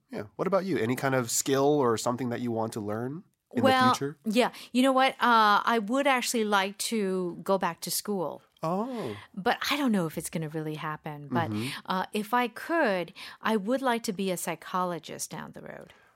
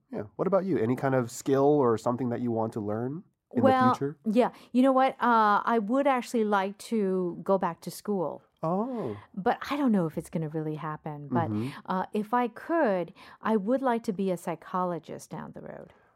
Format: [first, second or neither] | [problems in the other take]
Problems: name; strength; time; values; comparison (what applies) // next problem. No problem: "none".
first | muffled; slightly; fading above 1.5 kHz